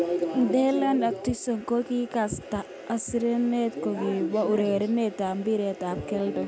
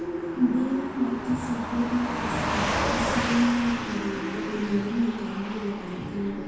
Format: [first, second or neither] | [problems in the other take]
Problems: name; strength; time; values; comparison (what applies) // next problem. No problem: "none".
first | background sound (Car passing by / Truck); 4 dB below the speech // room echo; dies away in 1.2 s